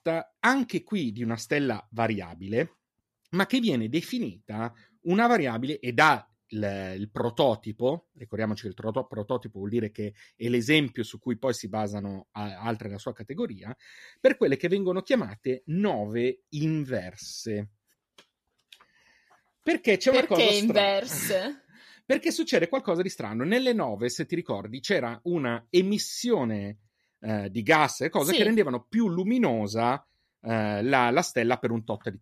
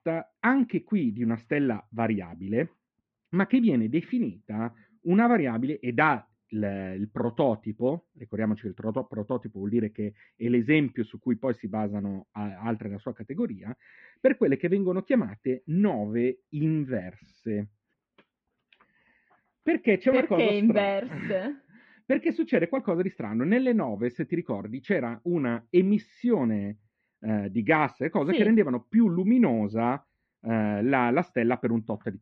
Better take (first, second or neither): first